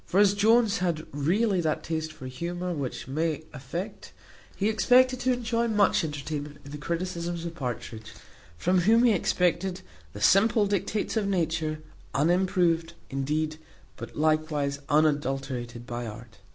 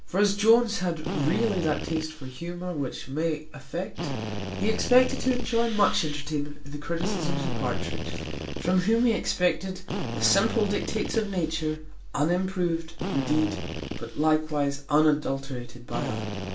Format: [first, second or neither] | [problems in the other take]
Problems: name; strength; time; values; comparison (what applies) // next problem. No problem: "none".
first | background sound (Drill); 9 dB below the speech // room echo; dies away in 0.3 s